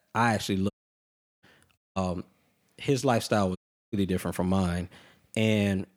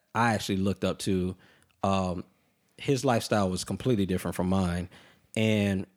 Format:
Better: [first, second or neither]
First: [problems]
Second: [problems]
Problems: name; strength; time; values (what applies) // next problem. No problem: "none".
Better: second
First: audio cutting out; at 0.5 s for 0.5 s, at 2 s and at 3.5 s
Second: none